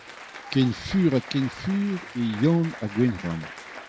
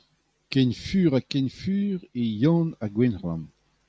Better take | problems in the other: second | background sound (Applause); 15 dB below the speech

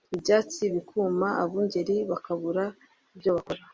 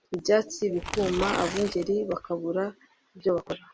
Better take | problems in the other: first | background sound (Tearing); 9 dB below the speech

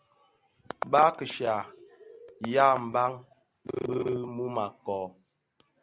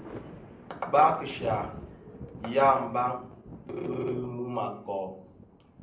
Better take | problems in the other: first | background sound (Thunder); 16 dB below the speech // room echo; dies away in 0.6 s

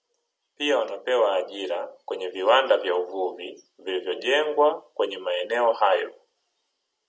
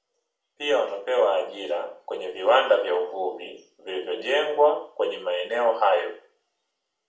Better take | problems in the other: first | room echo; dies away in 0.4 s

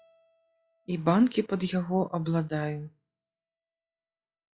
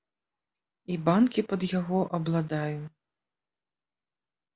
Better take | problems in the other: second | noise reduction (classical method log-MMSE)

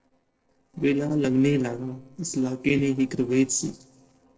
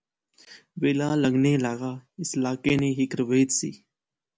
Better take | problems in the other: second | noise reduction (neural separator model SepFormer DNS4)

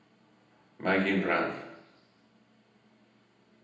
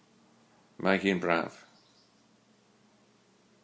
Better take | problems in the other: second | room echo; dies away in 0.8 s

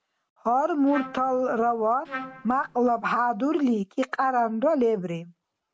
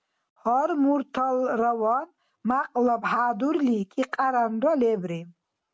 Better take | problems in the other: second | background sound (Trumpet); 14 dB below the speech

